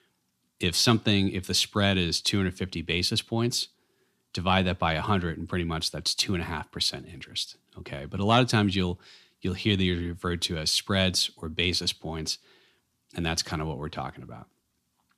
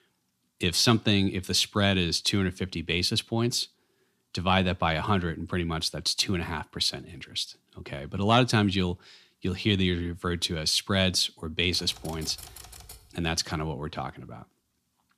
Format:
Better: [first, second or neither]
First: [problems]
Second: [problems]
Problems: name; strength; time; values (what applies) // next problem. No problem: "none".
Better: first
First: none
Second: keyboard typing; faint; from 12 to 13 s; peak 15 dB below the speech